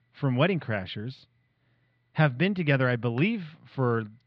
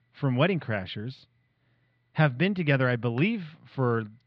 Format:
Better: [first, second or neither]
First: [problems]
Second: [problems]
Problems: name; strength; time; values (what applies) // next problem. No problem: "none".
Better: neither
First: muffled; slightly; fading above 4 kHz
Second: muffled; slightly; fading above 4 kHz